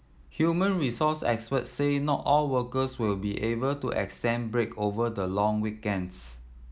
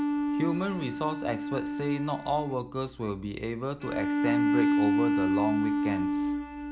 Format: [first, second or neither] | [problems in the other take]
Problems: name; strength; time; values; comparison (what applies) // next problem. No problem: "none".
first | background sound (Bowed string instrument); 4 dB above the speech